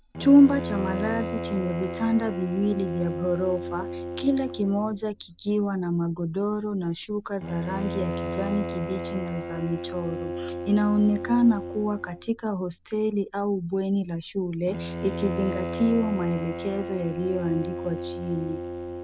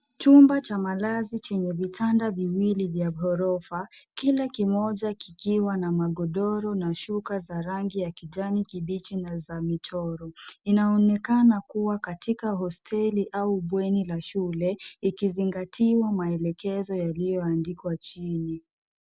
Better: second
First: background sound (Bowed string instrument); 8 dB below the speech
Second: none

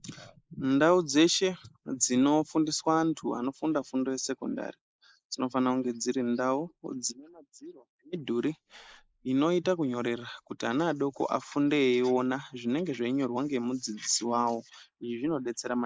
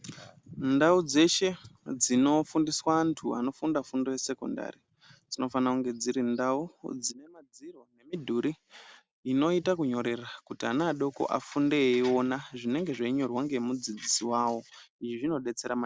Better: second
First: noise reduction (neural mask model Resemble Enhance denoiser)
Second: none

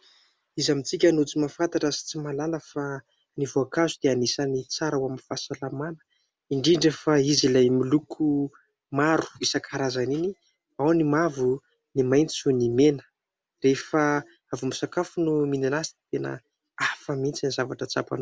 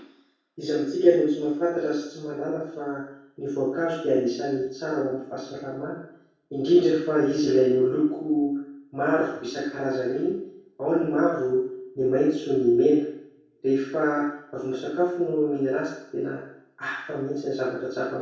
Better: first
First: none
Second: room echo; dies away in 0.7 s

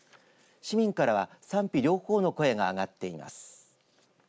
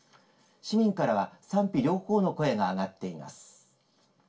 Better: first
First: none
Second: room echo; dies away in 0.2 s

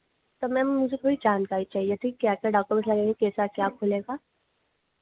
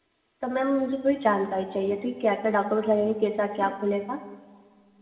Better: first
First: none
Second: room echo; dies away in 2.1 s

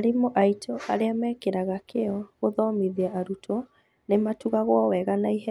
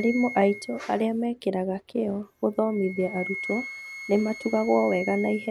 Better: first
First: none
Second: background sound (Wind instrument, woodwind instrument); 13 dB below the speech

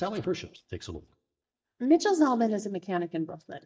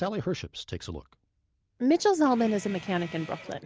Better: second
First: noise reduction (neural mask model DeepFilterNet 3)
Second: none

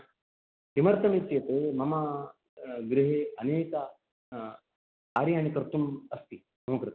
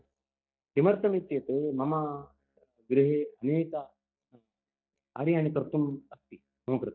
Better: first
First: none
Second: noise reduction (neural mask model DeepFilterNet 3)

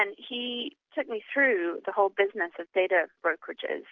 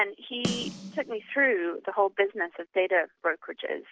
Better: first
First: none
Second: background sound (Snare drum); 10 dB below the speech

